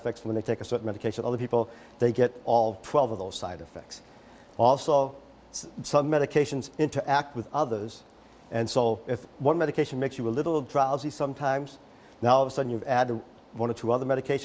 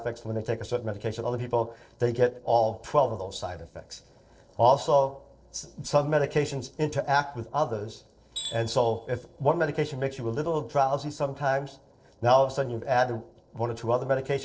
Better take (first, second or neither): first